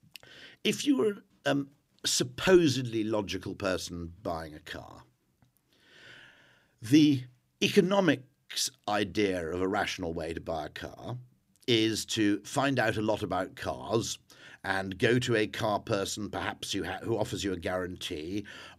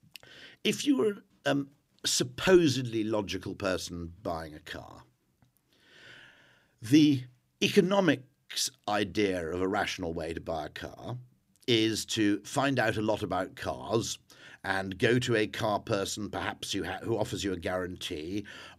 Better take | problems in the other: neither | none

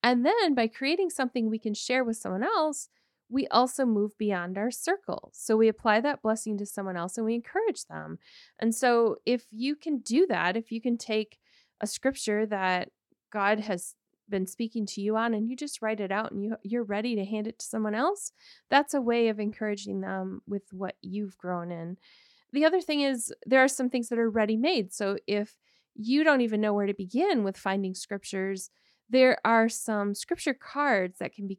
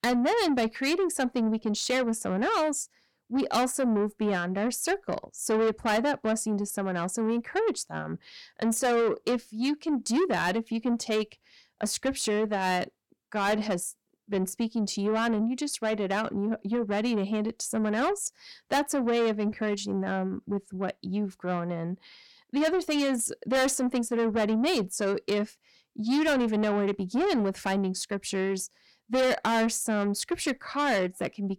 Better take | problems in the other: first | distortion; heavy; 8 dB below the speech

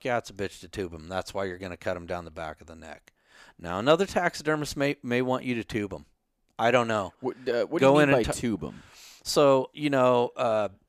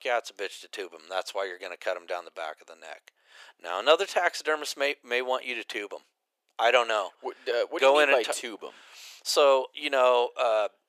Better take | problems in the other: first | thin; very; fading below 450 Hz

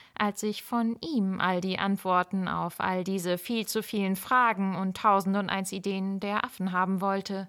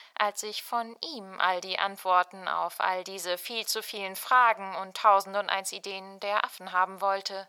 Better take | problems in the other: first | thin; very; fading below 700 Hz

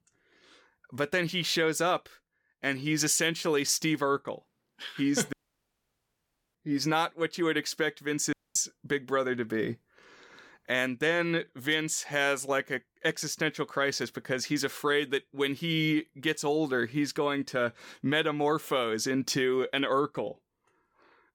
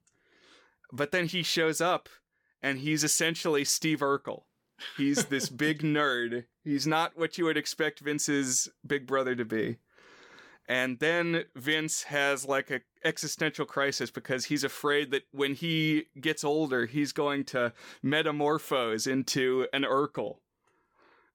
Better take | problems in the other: second | audio cutting out; at 5.5 s for 1 s and at 8.5 s

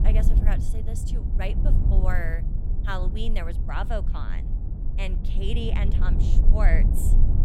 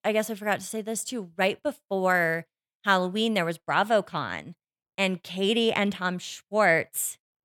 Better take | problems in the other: second | low rumble; loud; throughout; 6 dB below the speech

